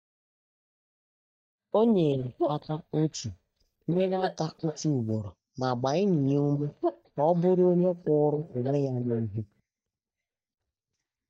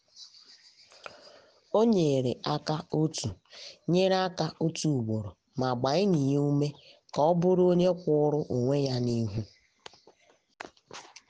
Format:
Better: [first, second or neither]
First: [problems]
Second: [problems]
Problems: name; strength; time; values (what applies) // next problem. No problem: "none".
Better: second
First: noise reduction (neural mask model DeepFilterNet 3)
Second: none